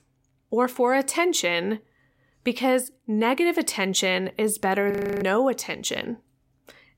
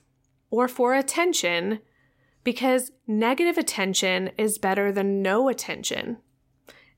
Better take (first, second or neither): second